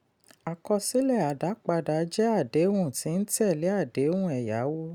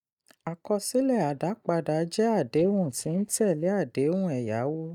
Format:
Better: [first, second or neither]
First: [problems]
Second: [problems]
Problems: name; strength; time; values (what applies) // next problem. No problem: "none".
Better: first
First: none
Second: noise reduction (neural mask model DeepFilterNet 3)